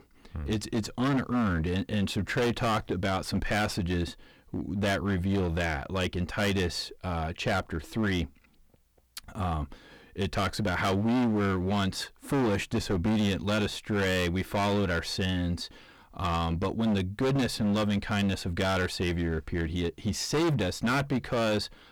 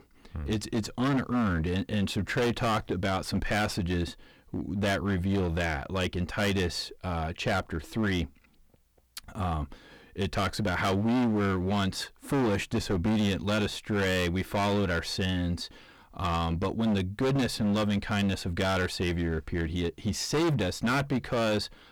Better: neither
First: distortion; heavy; 16% of the sound clipped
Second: distortion; heavy; 16% of the sound clipped

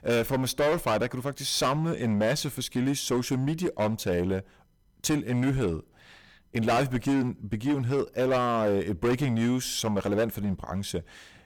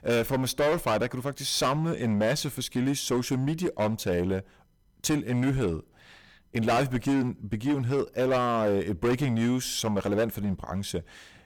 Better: neither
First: distortion; heavy; 12% of the sound clipped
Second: distortion; heavy; 12% of the sound clipped

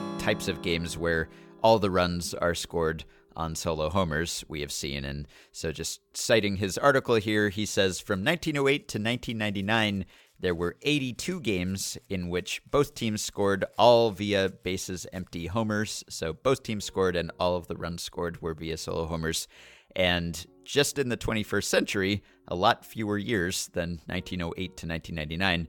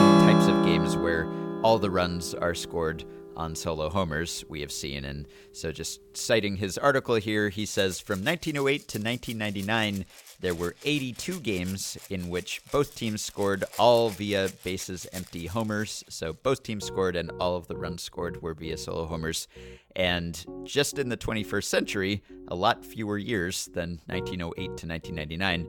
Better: first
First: background music; faint; throughout; 20 dB below the speech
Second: background music; loud; throughout; 2 dB below the speech

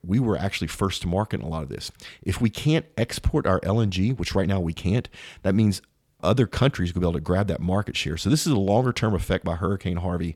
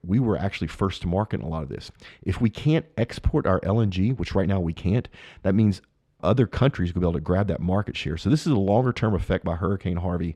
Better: first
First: none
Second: muffled; slightly; fading above 2 kHz

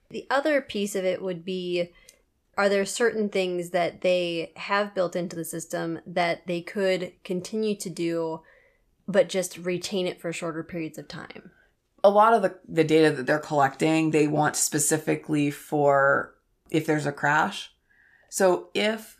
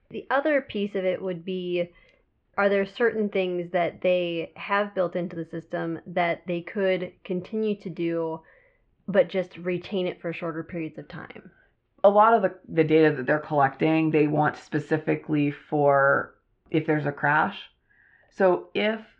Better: first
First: none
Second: muffled; very; fading above 3 kHz

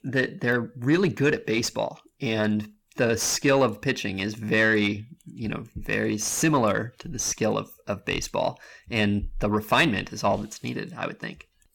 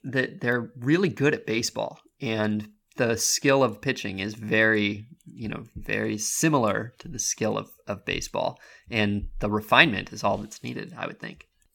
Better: second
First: distortion; slight; 10 dB below the speech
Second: none

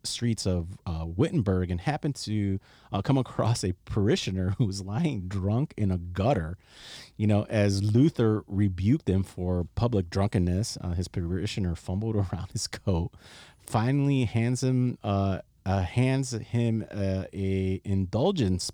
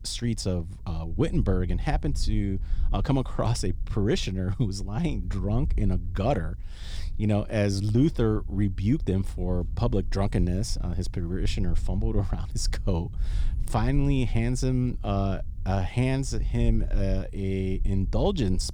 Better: first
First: none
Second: wind noise on the microphone; occasional gusts; 20 dB below the speech

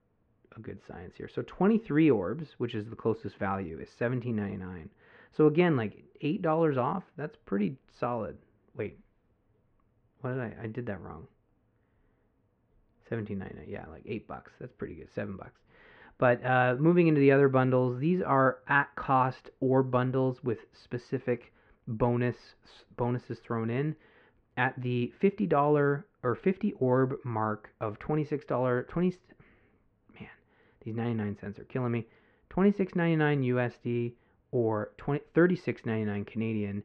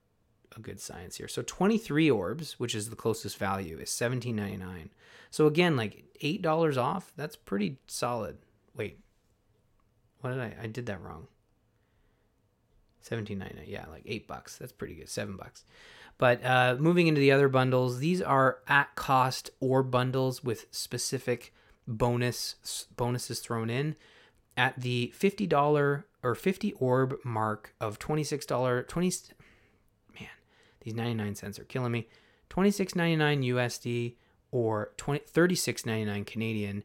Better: second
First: muffled; very; fading above 2 kHz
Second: none

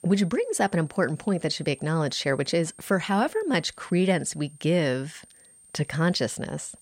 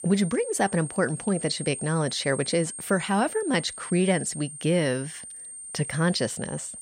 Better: first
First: high-pitched whine; faint; throughout; 8.5 kHz, 25 dB below the speech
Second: high-pitched whine; loud; throughout; 8.5 kHz, 10 dB below the speech

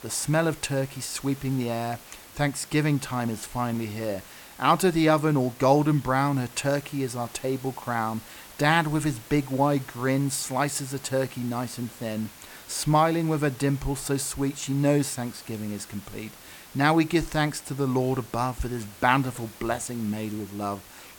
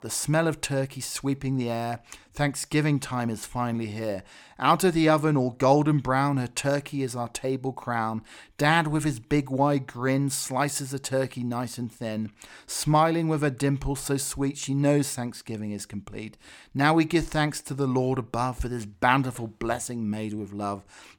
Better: second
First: hiss; noticeable; throughout; 20 dB below the speech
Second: none

